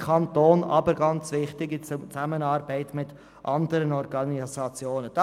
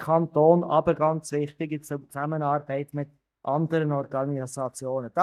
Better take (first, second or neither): first